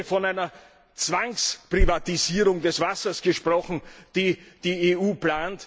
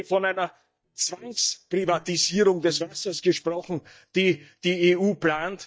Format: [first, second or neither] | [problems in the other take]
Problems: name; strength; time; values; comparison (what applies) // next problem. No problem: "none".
first | noise reduction (neural mask model DeepFilterNet 3)